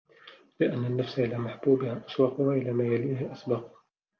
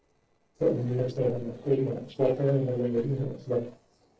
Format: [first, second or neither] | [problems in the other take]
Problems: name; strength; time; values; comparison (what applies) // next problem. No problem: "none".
first | noise reduction (neural separator model SepFormer DNS4)